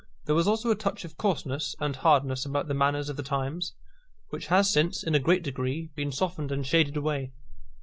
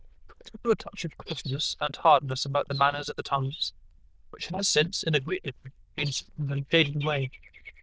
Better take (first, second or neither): first